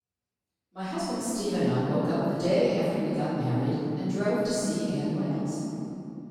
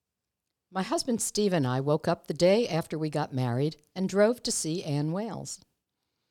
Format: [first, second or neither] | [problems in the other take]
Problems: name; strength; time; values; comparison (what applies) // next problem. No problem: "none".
second | room echo; strong; dies away in 3 s // off-mic speech; far